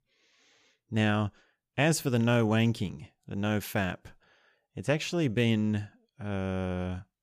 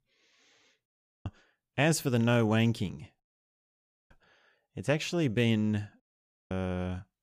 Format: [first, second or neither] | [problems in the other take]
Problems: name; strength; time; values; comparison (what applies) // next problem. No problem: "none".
first | audio cutting out; at 1 s, at 3 s for 1 s and at 6 s for 0.5 s